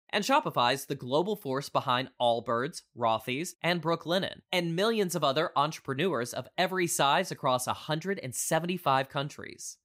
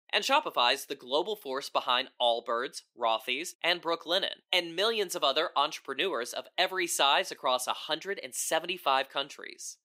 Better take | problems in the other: first | thin; somewhat; fading below 350 Hz

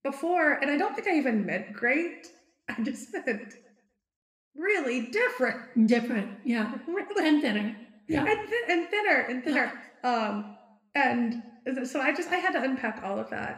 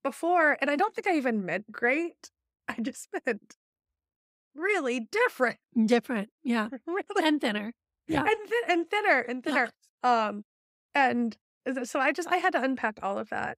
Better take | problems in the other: second | room echo; very slight; dies away in 0.7 s

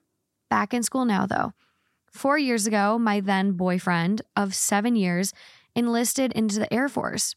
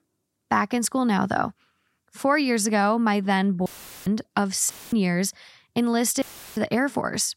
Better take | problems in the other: first | audio cutting out; filled with static; at 3.5 s, at 4.5 s and at 6 s

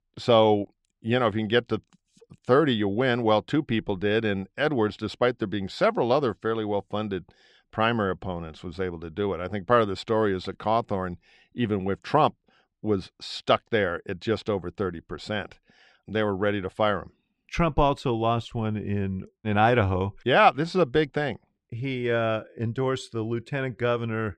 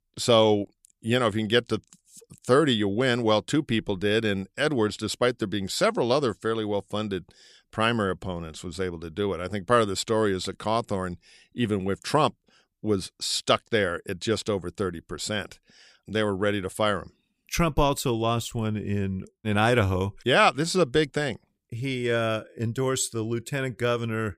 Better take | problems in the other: second | muffled; slightly; fading above 3 kHz

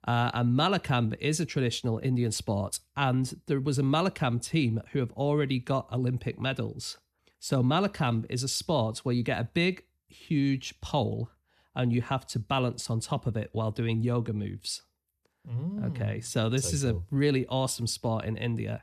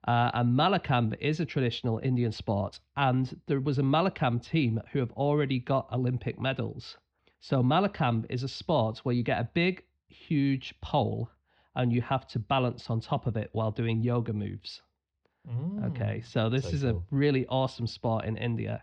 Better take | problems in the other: first | muffled; slightly; fading above 4 kHz

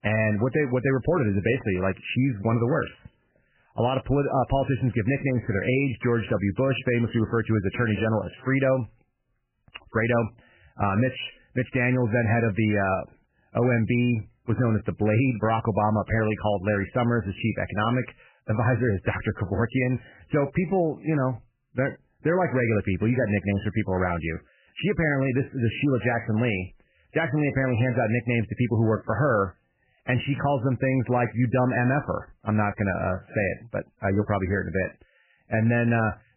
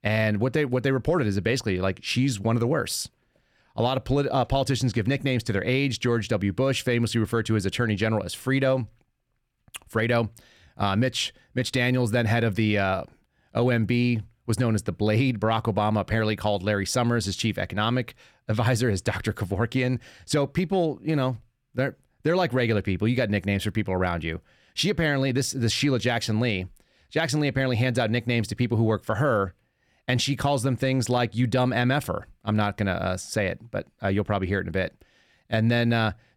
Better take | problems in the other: second | garbled, watery; badly; nothing above 3 kHz

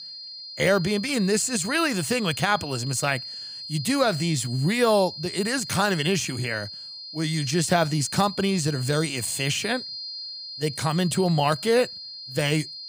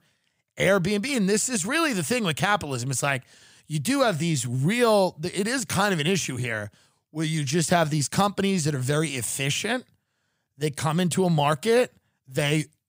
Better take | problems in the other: second | high-pitched whine; noticeable; throughout; 4 kHz, 10 dB below the speech

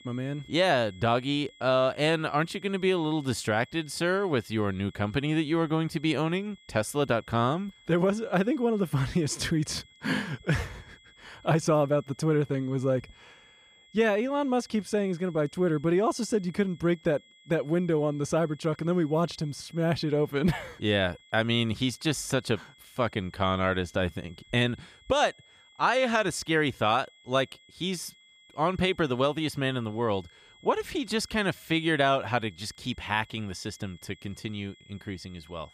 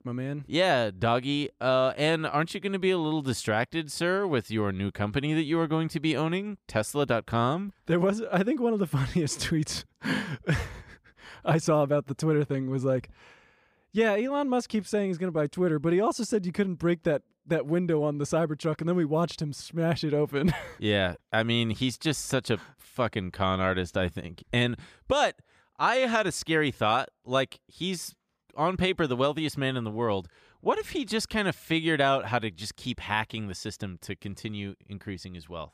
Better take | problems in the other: second | high-pitched whine; faint; throughout; 3.5 kHz, 25 dB below the speech

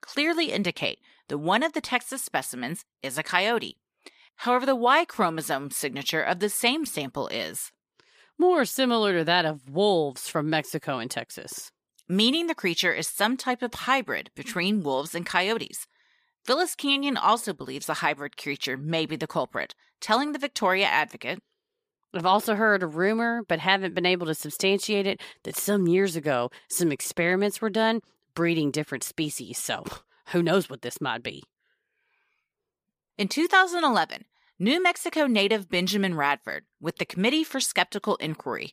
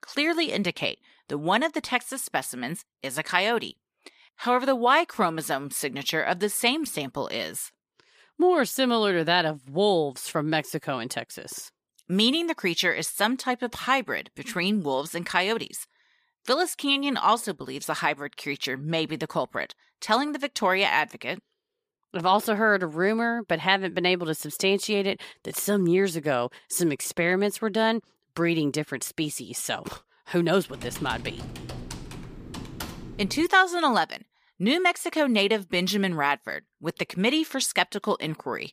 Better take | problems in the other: first | keyboard typing; faint; from 31 to 33 s; peak 10 dB below the speech

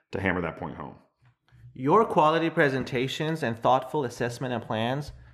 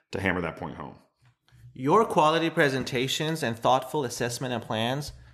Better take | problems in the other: second | muffled; slightly; fading above 3.5 kHz

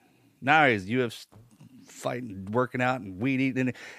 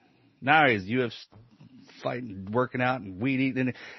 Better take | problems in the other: first | garbled, watery; slightly; nothing above 6 kHz

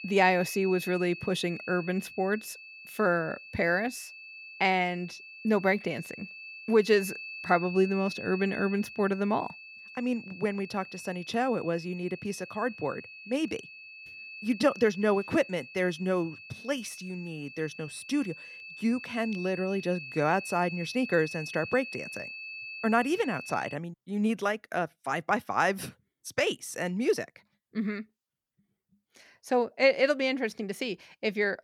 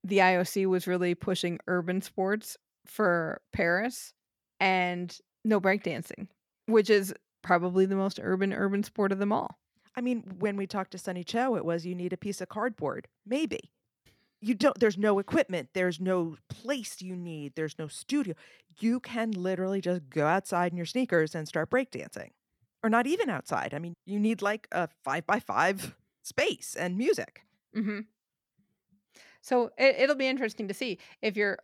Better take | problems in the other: second | high-pitched whine; noticeable; until 24 s; 2.5 kHz, 10 dB below the speech

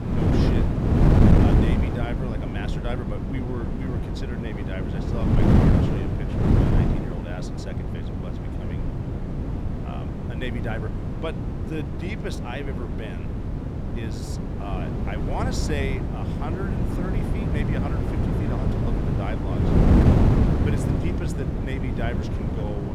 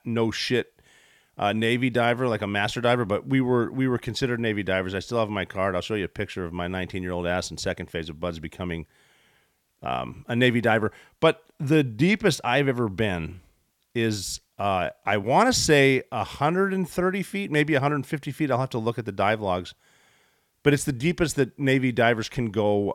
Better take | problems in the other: second | wind noise on the microphone; heavy; 5 dB above the speech

